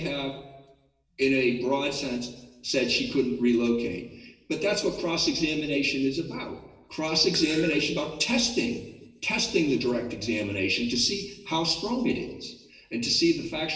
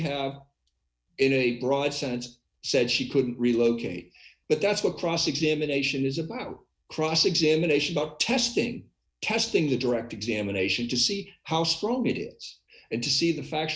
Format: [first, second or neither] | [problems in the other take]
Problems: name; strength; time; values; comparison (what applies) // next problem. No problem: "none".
second | background sound (Fart); 16 dB below the speech // room echo; dies away in 1.1 s